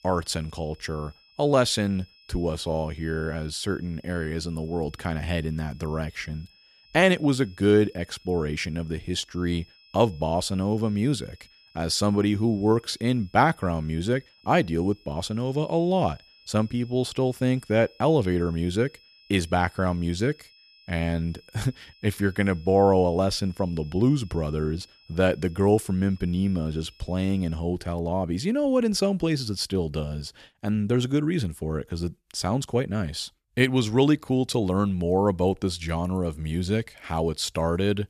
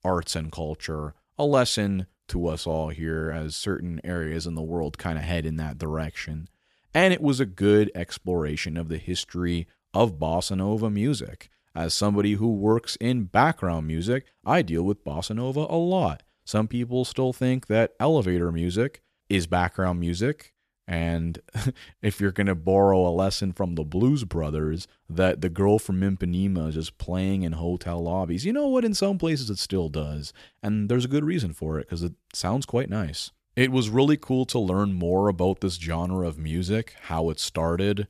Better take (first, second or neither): second